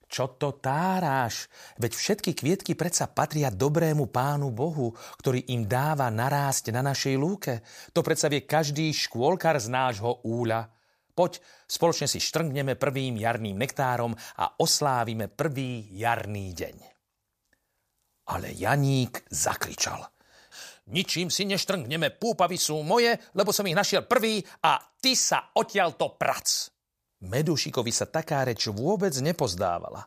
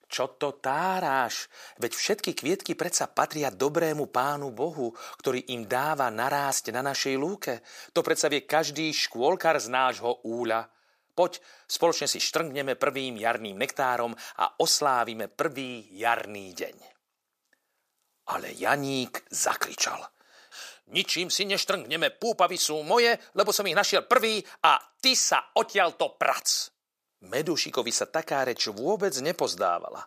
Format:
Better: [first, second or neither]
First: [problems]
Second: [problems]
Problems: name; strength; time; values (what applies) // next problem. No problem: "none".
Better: first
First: none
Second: thin; somewhat; fading below 350 Hz